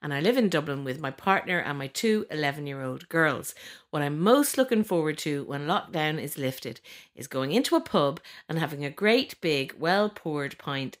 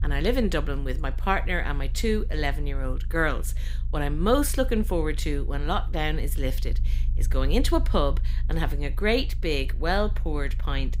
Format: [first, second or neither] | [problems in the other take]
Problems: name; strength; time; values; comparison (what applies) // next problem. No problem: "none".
first | low rumble; faint; throughout; 25 dB below the speech